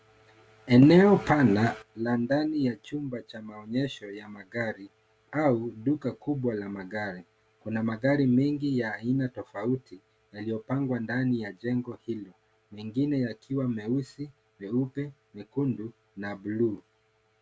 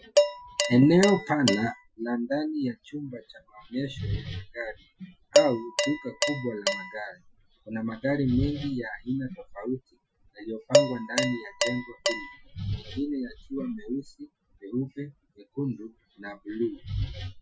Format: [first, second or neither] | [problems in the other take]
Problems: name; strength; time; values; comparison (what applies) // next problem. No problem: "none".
first | noise reduction (classical method Wiener filter)